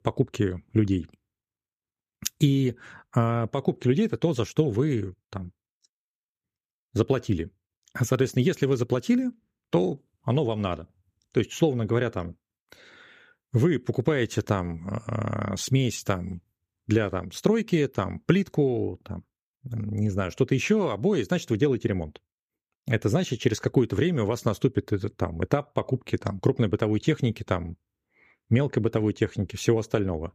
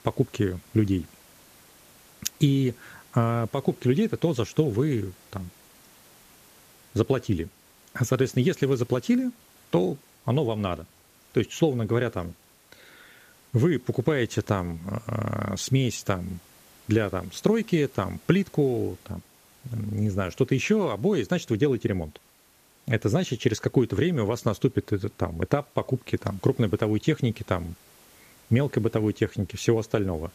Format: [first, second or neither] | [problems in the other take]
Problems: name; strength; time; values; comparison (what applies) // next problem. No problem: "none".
first | hiss; faint; throughout; 25 dB below the speech